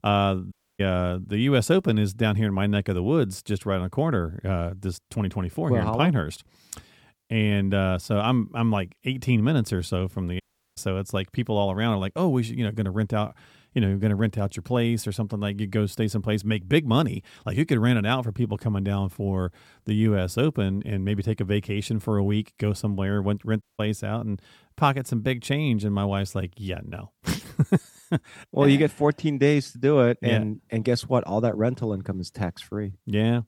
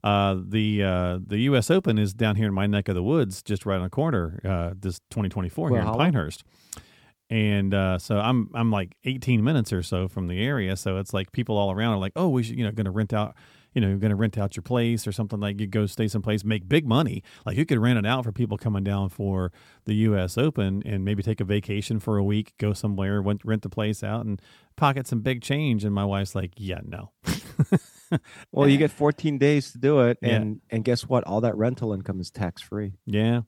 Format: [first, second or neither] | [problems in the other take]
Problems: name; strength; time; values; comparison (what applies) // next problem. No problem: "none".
second | audio cutting out; at 0.5 s, at 10 s and at 24 s